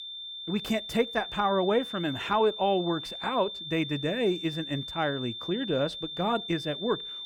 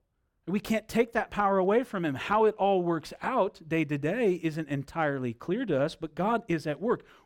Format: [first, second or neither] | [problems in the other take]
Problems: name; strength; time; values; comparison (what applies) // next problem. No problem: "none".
second | high-pitched whine; loud; throughout; 3.5 kHz, 7 dB below the speech